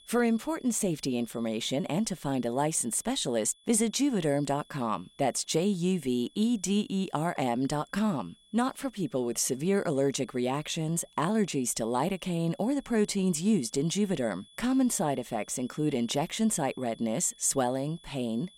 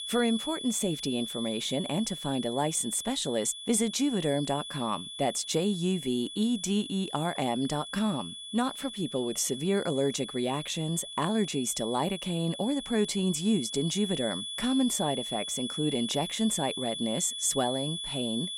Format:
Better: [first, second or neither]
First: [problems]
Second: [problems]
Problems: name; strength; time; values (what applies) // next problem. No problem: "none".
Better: first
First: high-pitched whine; faint; throughout; 3.5 kHz, 30 dB below the speech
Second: high-pitched whine; loud; throughout; 3.5 kHz, 7 dB below the speech